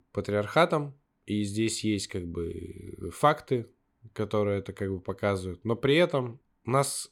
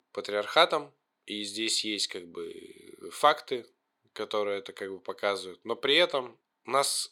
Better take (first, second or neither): first